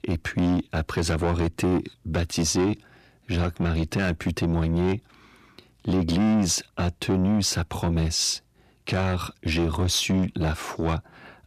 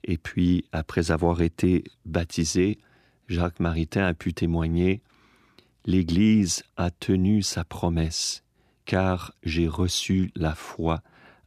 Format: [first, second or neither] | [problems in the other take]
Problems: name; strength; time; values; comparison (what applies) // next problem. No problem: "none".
second | distortion; heavy; 7 dB below the speech